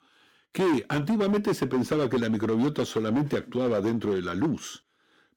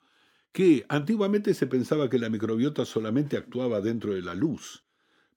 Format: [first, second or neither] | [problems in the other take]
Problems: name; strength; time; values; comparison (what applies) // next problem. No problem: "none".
second | distortion; heavy; 13% of the sound clipped